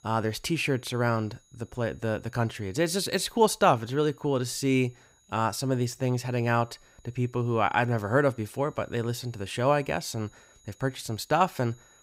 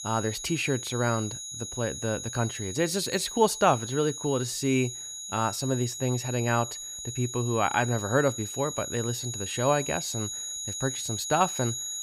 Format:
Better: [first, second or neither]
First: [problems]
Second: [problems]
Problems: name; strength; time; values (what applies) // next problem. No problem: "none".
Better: first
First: high-pitched whine; faint; throughout; 6.5 kHz, 35 dB below the speech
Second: high-pitched whine; loud; throughout; 6.5 kHz, 6 dB below the speech